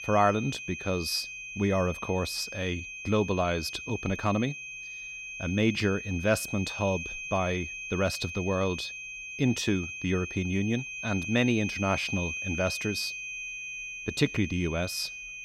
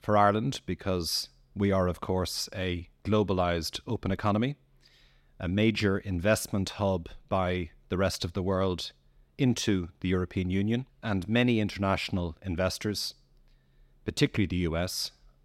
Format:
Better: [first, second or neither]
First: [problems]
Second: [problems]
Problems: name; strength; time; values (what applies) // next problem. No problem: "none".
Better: second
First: high-pitched whine; loud; throughout; 2.5 kHz, 7 dB below the speech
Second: none